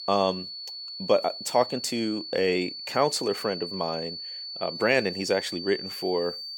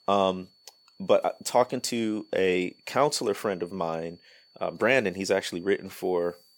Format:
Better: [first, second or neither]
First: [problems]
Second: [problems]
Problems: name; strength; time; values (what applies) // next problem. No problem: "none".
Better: second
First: high-pitched whine; loud; throughout; 4.5 kHz, 8 dB below the speech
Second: high-pitched whine; faint; throughout; 4.5 kHz, 30 dB below the speech